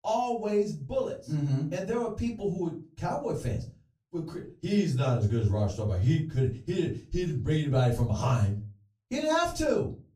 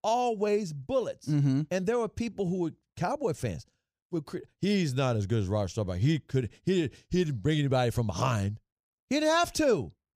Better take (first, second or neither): second